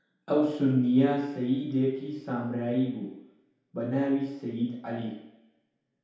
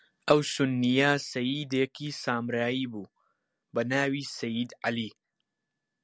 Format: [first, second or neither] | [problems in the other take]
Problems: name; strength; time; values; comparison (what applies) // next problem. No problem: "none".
second | room echo; dies away in 0.8 s